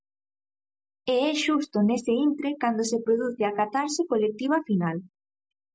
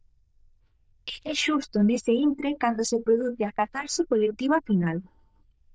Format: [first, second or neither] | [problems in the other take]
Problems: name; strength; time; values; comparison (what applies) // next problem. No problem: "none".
first | noise reduction (neural diffusion model UNIVERSE++)